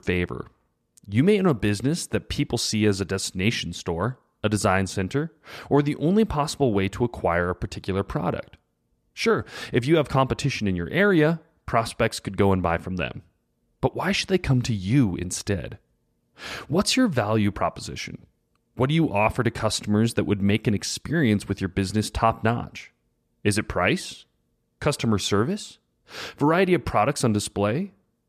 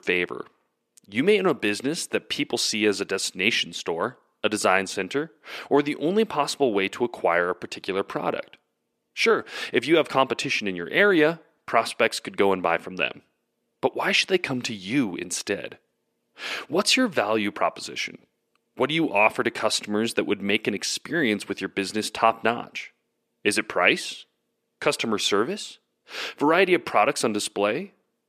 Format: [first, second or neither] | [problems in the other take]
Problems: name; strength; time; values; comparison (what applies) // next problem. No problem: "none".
first | thin; somewhat; fading below 350 Hz